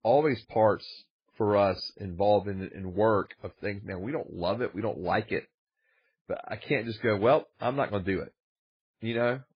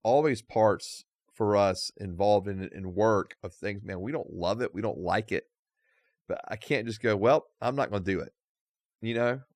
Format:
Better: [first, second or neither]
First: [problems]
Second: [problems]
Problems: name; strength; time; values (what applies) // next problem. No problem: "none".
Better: second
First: garbled, watery; badly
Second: none